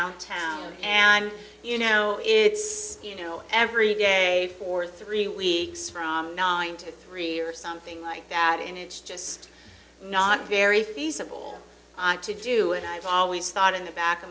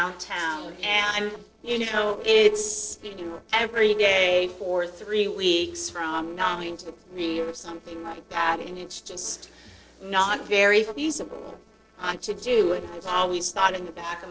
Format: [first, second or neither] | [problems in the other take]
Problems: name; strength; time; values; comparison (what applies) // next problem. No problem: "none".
first | noise reduction (neural separator model SepFormer DNS4)